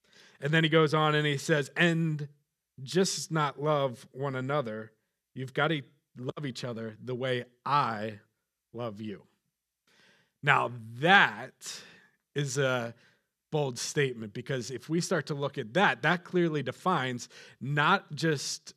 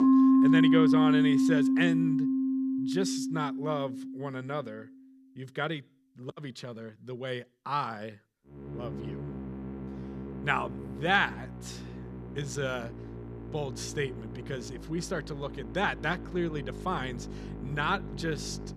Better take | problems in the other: first | background music; very loud; throughout; 5 dB above the speech

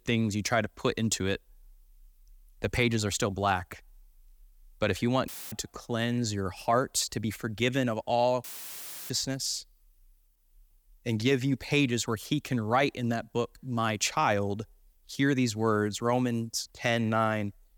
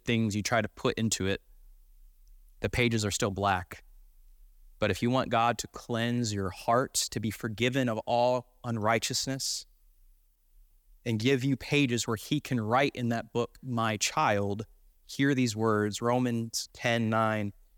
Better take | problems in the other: second | audio cutting out; filled with static; at 5.5 s and at 8.5 s for 0.5 s

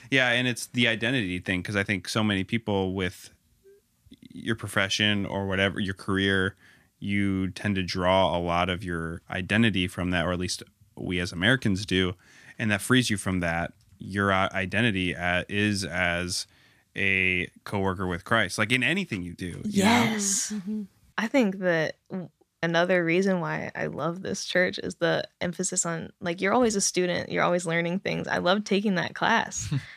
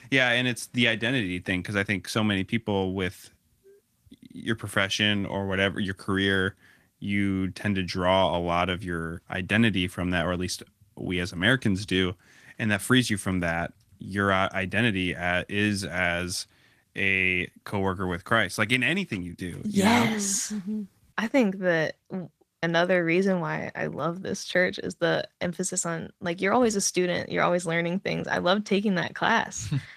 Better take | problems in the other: first | garbled, watery; slightly; nothing above 14.5 kHz

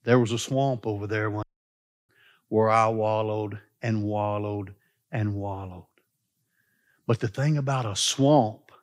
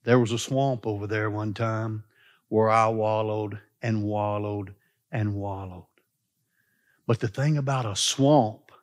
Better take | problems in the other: second | audio cutting out; at 1.5 s for 0.5 s

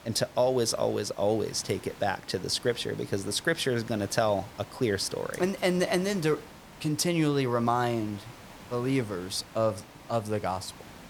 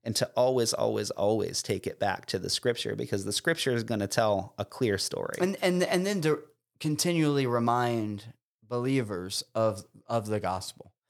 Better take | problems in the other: second | hiss; noticeable; throughout; 20 dB below the speech

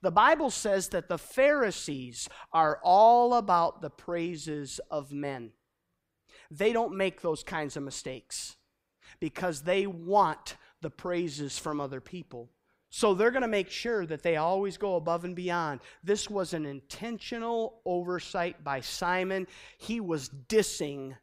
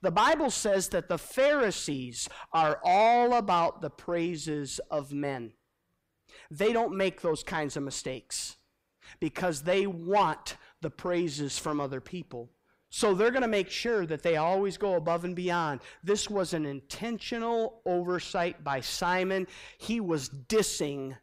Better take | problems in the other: first | distortion; slight; 10 dB below the speech

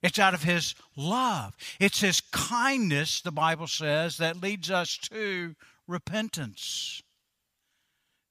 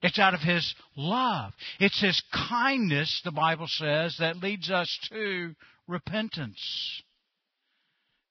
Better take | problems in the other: first | garbled, watery; badly; nothing above 5.5 kHz

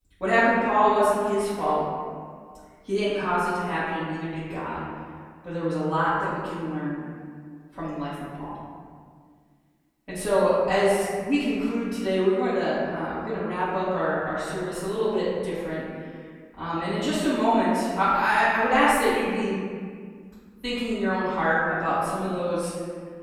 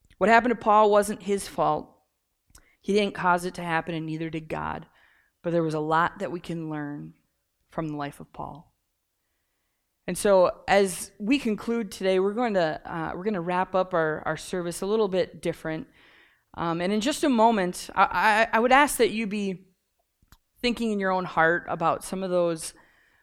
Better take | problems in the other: second | off-mic speech; far // room echo; strong; dies away in 1.7 s

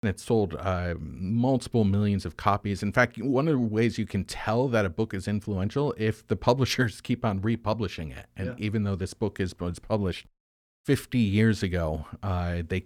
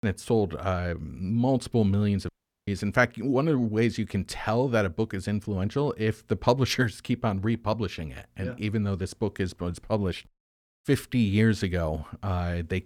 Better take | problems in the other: first | audio cutting out; at 2.5 s

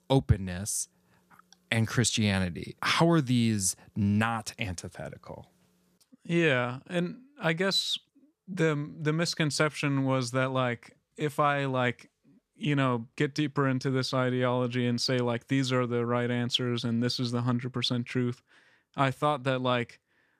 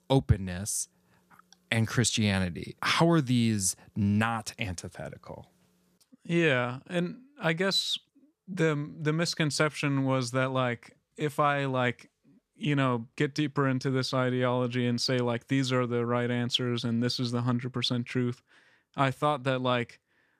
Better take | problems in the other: neither | none

